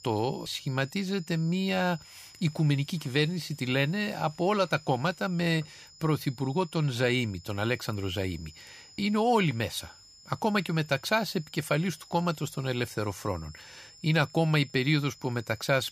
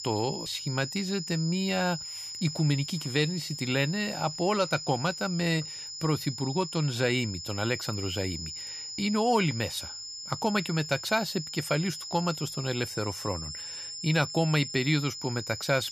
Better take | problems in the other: first | high-pitched whine; loud; throughout; 5 kHz, 7 dB below the speech; faint in the first

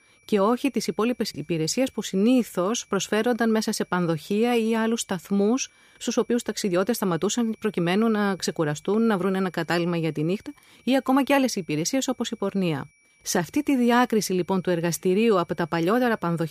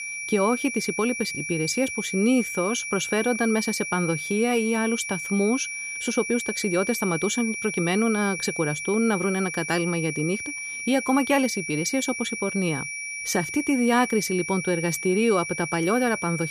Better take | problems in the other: first | high-pitched whine; loud; throughout; 2.5 kHz, 5 dB below the speech; faint in the first

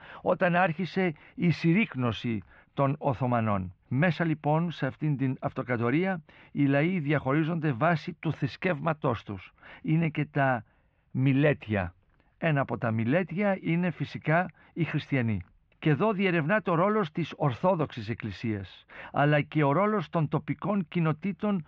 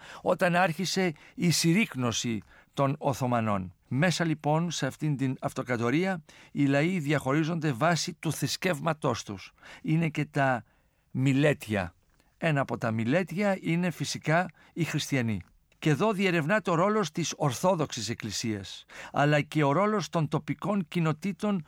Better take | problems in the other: second | muffled; very; fading above 3 kHz

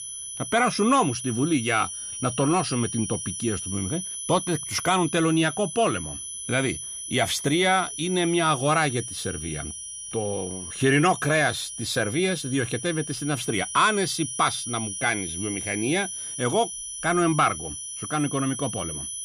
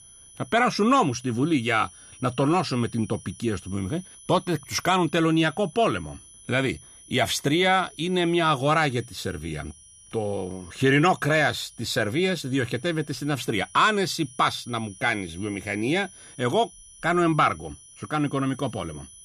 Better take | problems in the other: second | high-pitched whine; loud; throughout; 10 kHz, 7 dB below the speech; faint in the second

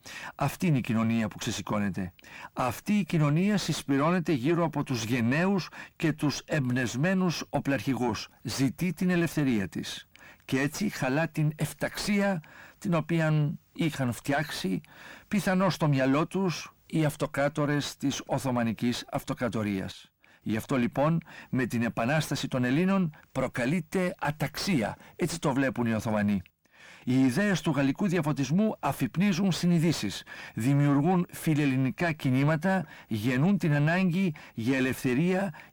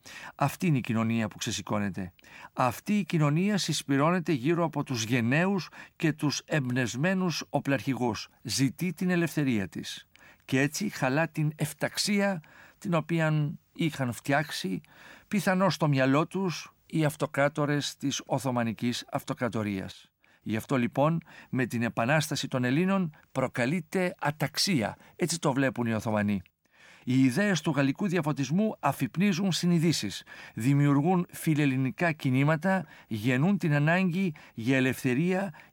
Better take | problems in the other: second | distortion; slight; 10 dB below the speech

